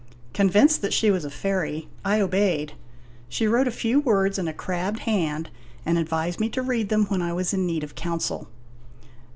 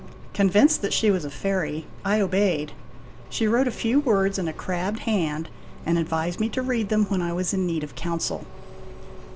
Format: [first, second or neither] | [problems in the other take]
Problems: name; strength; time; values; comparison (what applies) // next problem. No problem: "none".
first | background sound (Engine); 18 dB below the speech